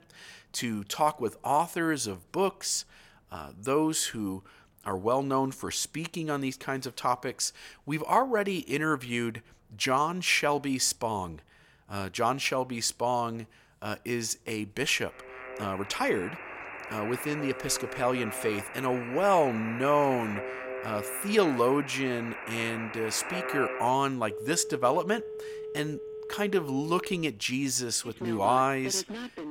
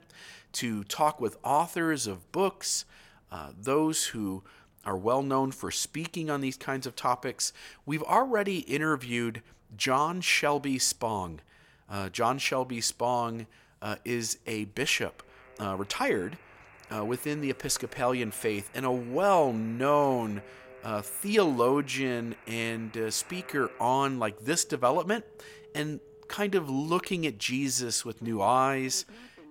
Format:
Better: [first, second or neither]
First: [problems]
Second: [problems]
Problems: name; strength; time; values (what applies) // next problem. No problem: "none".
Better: second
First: alarms or sirens; loud; from 15 s on; 9 dB below the speech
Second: alarms or sirens; faint; from 15 s on; 25 dB below the speech